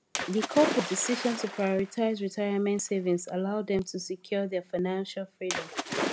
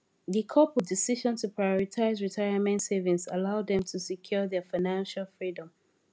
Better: second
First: background sound (Splash, splatter); 8 dB below the speech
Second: none

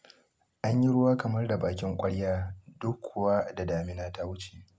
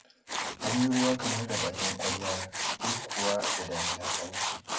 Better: first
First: none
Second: background sound (Tools); 1 dB above the speech // room echo; dies away in 0.5 s

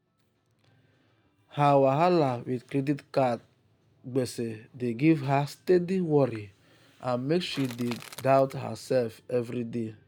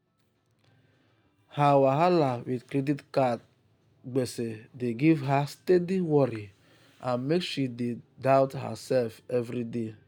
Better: second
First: background sound (Crushing / Wood); 18 dB below the speech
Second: none

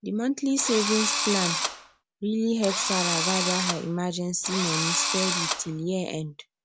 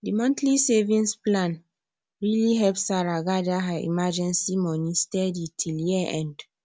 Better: second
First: background sound (Engine / Drill); as loud as the speech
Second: none

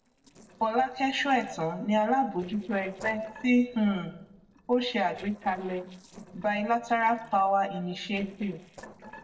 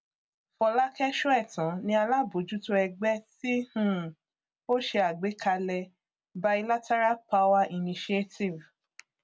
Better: second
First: noise reduction (neural separator model SepFormer DNS4)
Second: none

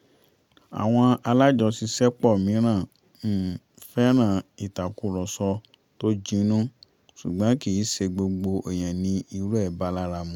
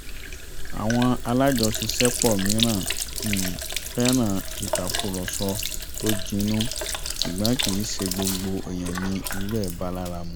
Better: first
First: none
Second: background sound (Sink (filling or washing)); 2 dB below the speech

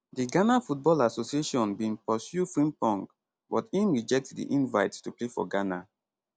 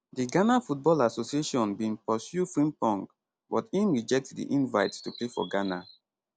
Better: first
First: none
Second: background sound (Chirp, tweet); 19 dB below the speech

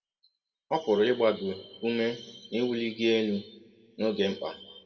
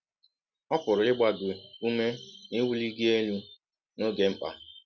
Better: second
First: room echo; dies away in 0.9 s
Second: none

